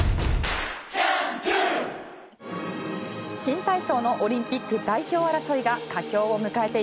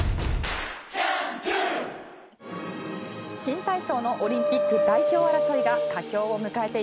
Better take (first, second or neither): first